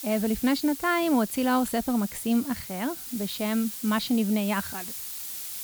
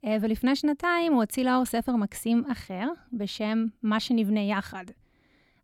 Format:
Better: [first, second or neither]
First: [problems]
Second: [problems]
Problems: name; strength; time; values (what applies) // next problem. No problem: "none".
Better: second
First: hiss; loud; throughout; 9 dB below the speech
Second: none